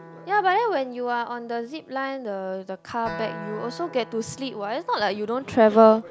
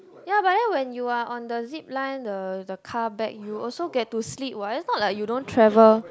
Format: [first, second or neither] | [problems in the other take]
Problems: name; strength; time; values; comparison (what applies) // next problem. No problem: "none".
second | background sound (Acoustic guitar); 19 dB below the speech